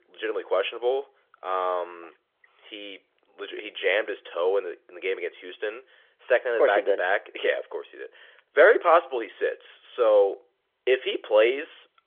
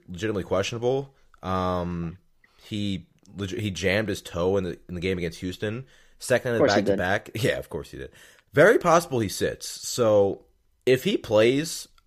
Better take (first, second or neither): second